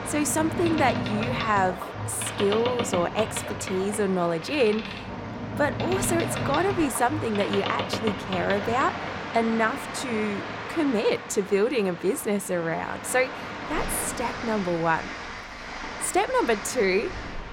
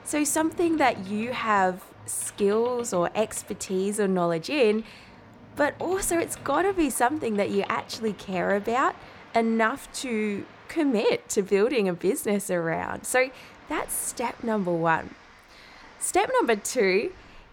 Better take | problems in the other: second | train or aircraft noise; loud; throughout; 6 dB below the speech; faint in the second

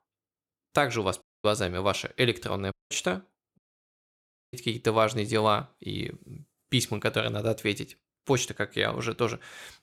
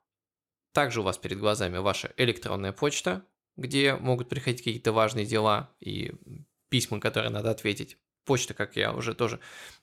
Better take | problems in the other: second | audio cutting out; at 1 s, at 2.5 s and at 3.5 s for 1 s

